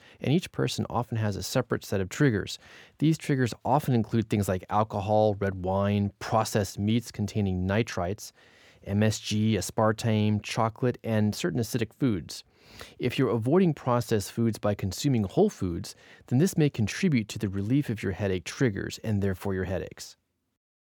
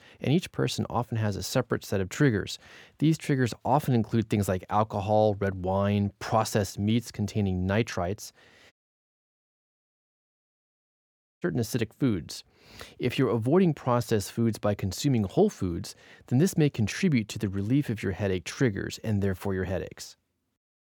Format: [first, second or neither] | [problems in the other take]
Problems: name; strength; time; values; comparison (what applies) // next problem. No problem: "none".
first | audio cutting out; at 8.5 s for 2.5 s